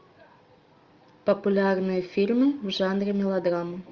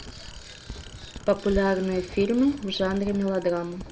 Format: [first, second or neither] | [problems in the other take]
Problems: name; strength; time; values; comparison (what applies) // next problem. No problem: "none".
first | background sound (Bicycle + Writing); 13 dB below the speech